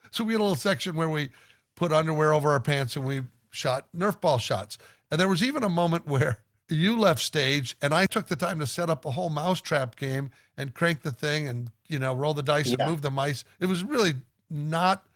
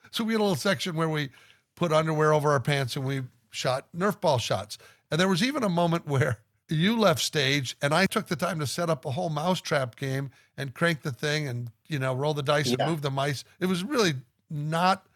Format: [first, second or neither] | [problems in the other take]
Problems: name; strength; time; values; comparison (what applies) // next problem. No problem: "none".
second | garbled, watery; slightly; nothing above 15.5 kHz